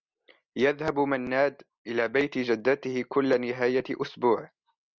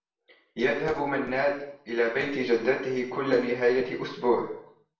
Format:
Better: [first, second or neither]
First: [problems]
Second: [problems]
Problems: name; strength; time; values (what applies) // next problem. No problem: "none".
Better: first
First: none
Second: room echo; dies away in 0.6 s